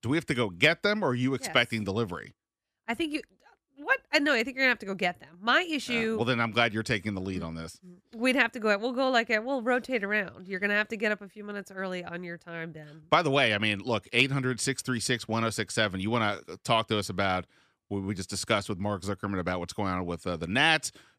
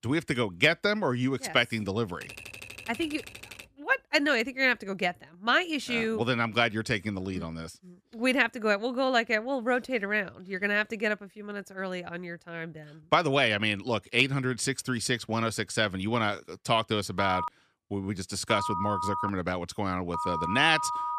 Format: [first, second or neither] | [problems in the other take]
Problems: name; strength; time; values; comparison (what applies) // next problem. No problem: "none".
first | keyboard typing; faint; from 2 to 3.5 s; peak 15 dB below the speech // phone ringing; noticeable; from 17 s on; peak 3 dB below the speech